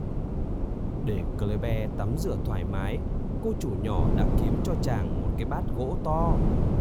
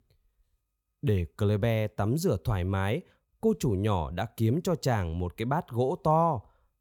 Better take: second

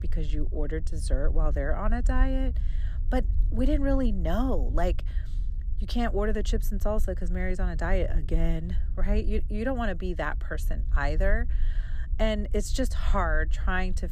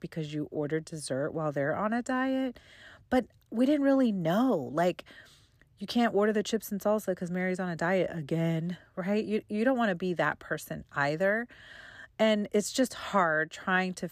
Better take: second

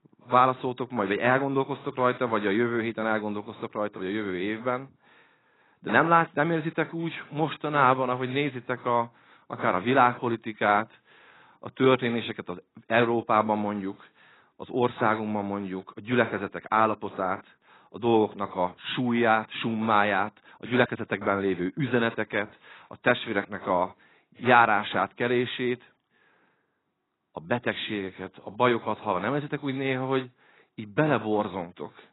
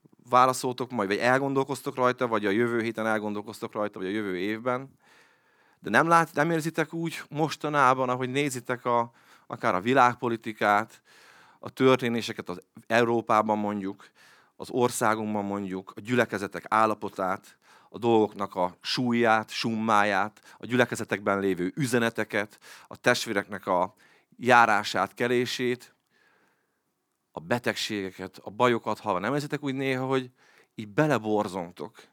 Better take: second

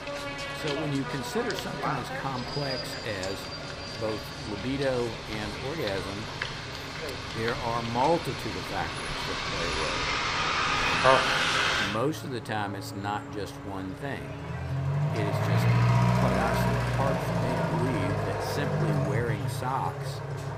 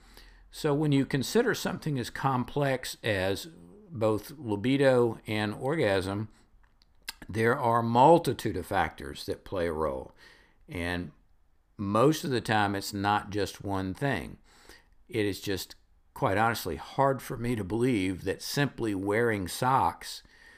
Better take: second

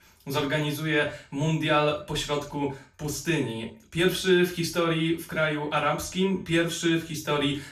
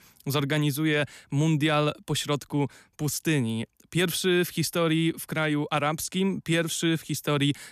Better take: second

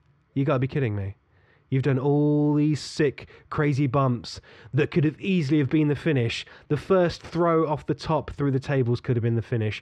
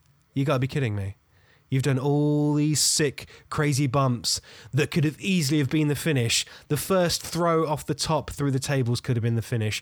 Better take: second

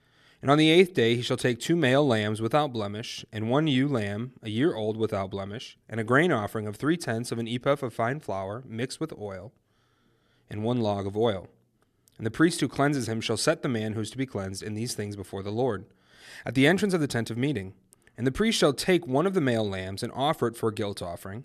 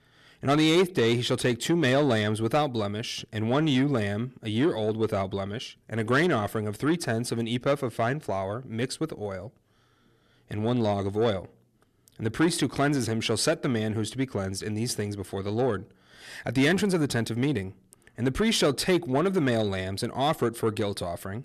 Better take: first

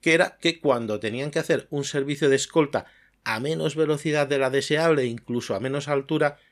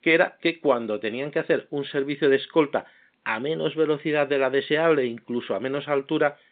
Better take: first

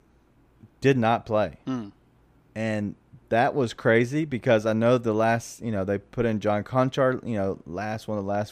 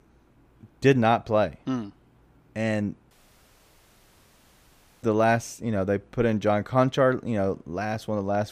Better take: first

